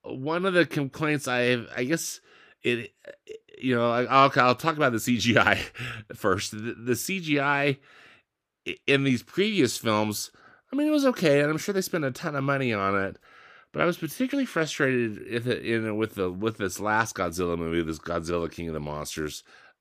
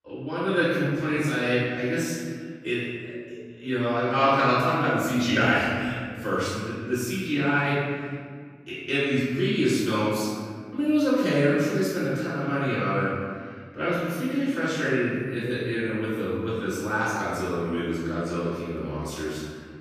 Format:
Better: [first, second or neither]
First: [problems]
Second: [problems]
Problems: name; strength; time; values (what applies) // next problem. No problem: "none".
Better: first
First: none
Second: off-mic speech; far // room echo; strong; dies away in 1.8 s